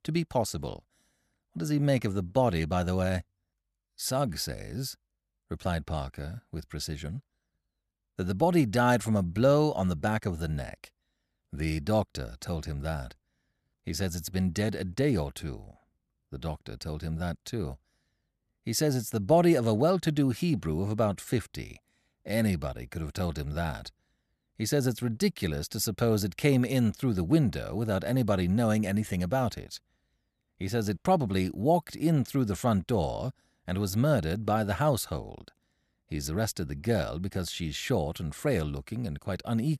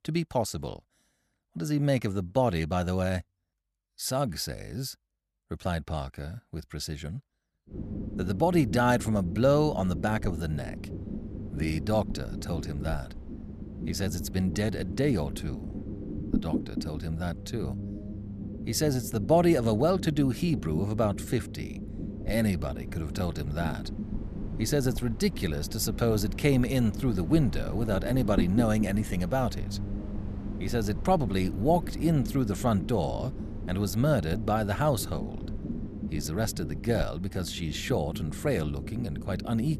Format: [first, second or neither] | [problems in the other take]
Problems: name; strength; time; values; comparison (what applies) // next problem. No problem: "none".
first | low rumble; noticeable; from 7.5 s on; 15 dB below the speech